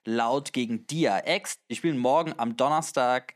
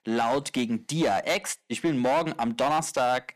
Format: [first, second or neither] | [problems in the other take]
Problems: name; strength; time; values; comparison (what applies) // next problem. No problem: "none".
first | distortion; slight; 10% of the sound clipped